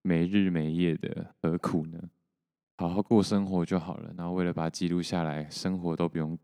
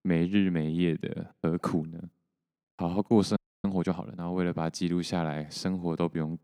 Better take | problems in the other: first | audio freezing; at 3.5 s

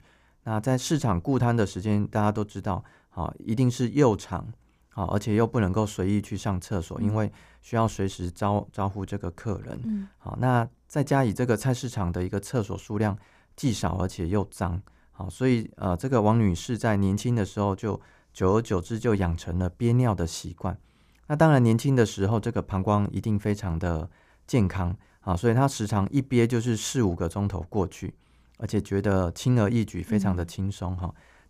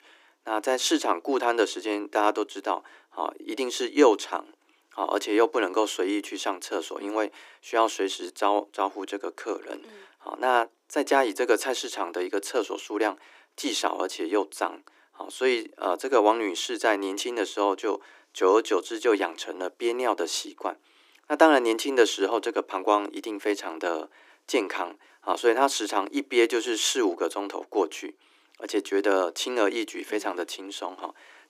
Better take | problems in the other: first | thin; very; fading below 300 Hz

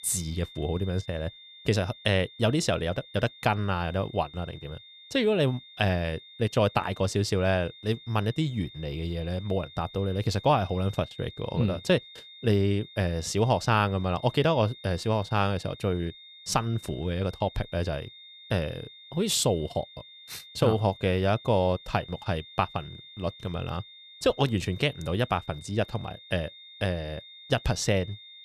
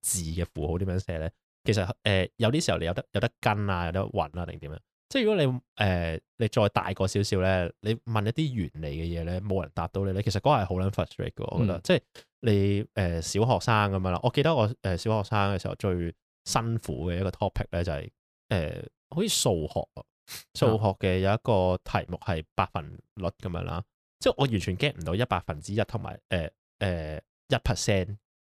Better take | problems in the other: second | high-pitched whine; noticeable; throughout; 3.5 kHz, 20 dB below the speech

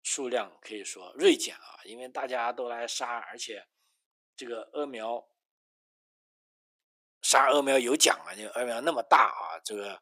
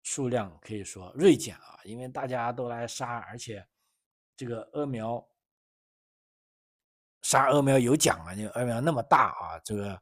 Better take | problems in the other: second | thin; somewhat; fading below 300 Hz

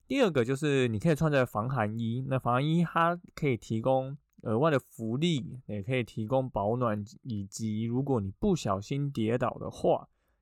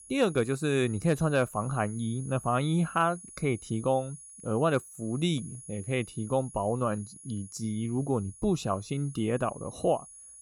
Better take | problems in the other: first | high-pitched whine; noticeable; throughout; 10 kHz, 15 dB below the speech

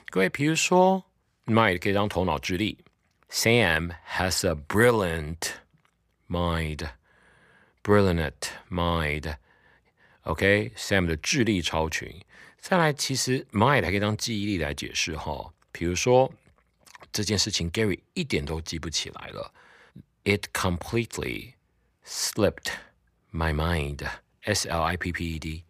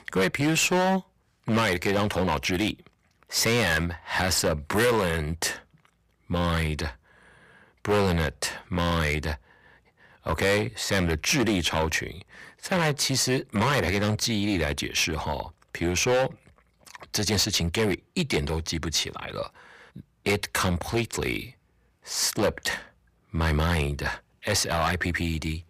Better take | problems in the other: first | distortion; heavy; 8% of the sound clipped

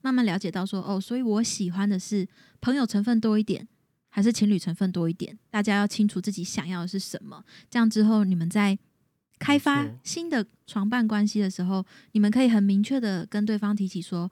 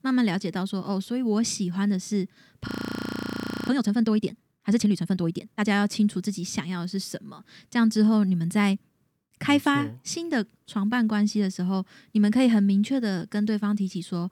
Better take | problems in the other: first | audio freezing; at 2.5 s for 1 s

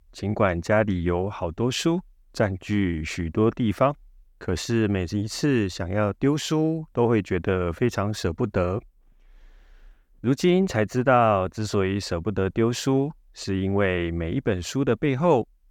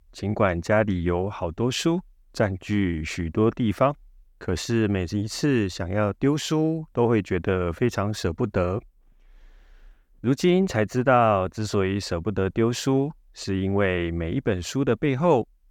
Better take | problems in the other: neither | none

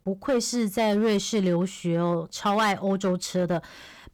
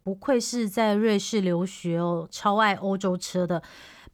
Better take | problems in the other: second | distortion; slight; 7% of the sound clipped

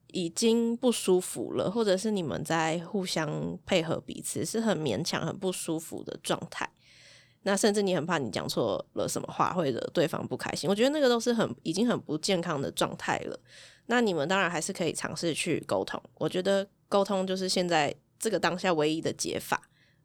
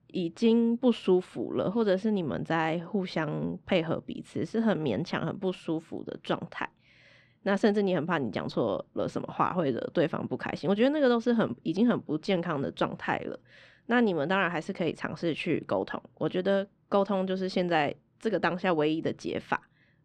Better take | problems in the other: first | muffled; slightly; fading above 2.5 kHz

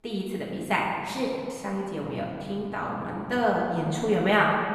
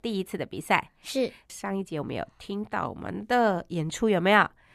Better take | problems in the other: second | room echo; noticeable; dies away in 2.2 s // off-mic speech; far

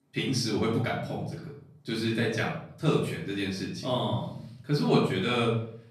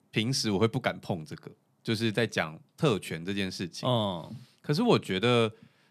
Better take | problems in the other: second | off-mic speech; far // room echo; noticeable; dies away in 0.6 s

